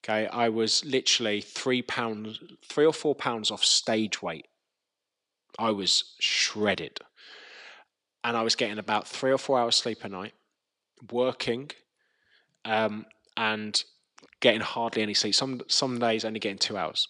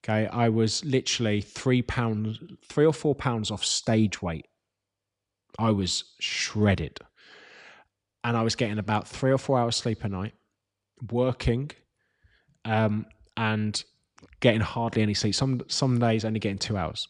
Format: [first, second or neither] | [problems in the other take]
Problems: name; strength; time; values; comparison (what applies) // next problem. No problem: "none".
second | thin; somewhat; fading below 300 Hz